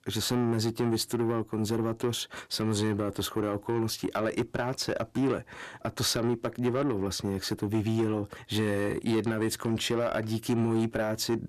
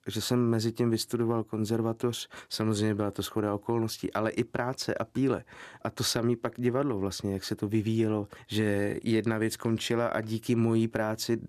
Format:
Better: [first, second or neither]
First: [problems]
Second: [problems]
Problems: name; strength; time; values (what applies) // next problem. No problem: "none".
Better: second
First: distortion; slight; 10 dB below the speech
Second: none